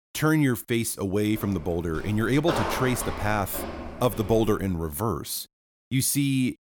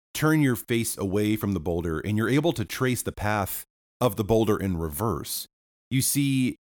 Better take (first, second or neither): second